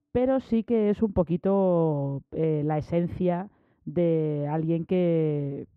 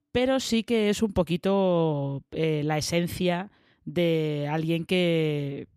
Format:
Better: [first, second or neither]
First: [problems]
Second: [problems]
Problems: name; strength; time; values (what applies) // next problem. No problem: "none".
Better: second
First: muffled; very; fading above 2.5 kHz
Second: none